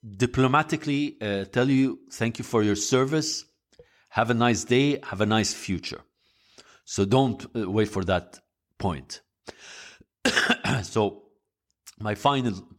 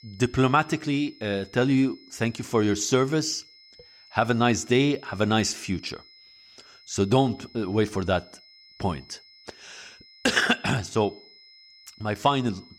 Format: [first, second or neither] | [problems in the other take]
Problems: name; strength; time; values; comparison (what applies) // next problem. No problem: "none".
first | high-pitched whine; faint; throughout; 5 kHz, 25 dB below the speech